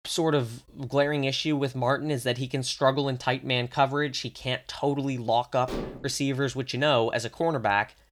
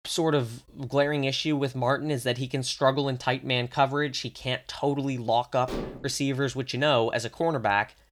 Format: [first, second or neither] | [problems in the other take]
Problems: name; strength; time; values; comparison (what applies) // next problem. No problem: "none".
neither | clattering dishes; noticeable; at 5.5 s; peak 8 dB below the speech; the same in both